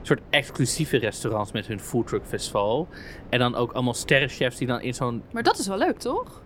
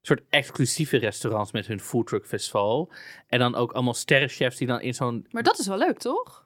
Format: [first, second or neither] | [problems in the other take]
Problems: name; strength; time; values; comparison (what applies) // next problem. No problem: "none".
second | wind noise on the microphone; occasional gusts; 25 dB below the speech